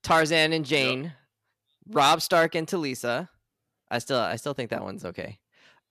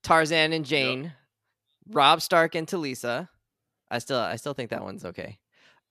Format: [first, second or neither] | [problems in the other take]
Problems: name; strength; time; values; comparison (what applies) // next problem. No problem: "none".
second | distortion; slight; 1.4% of the sound clipped